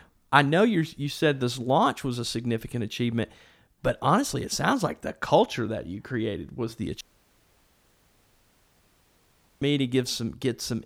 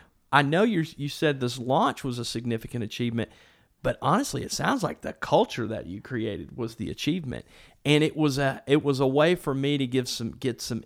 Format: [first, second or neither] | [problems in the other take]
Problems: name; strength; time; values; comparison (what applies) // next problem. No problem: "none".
second | audio cutting out; at 7 s for 2.5 s